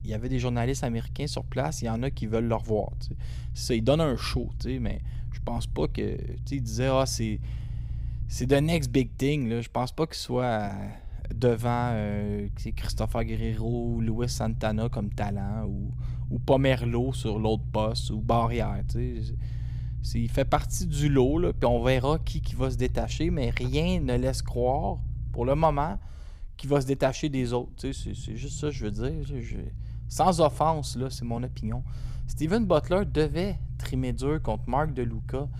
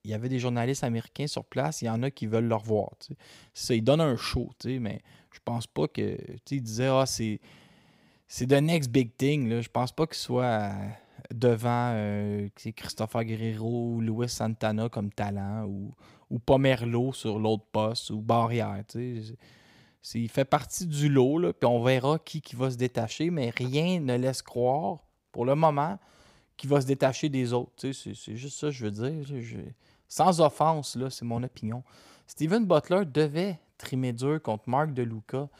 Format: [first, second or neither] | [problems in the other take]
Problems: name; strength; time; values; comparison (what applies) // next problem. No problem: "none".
second | low rumble; faint; throughout; 20 dB below the speech